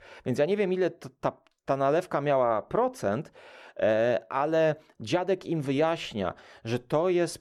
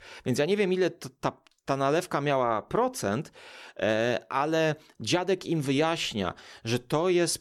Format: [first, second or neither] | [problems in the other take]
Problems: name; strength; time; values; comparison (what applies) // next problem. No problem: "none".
second | muffled; slightly; fading above 3 kHz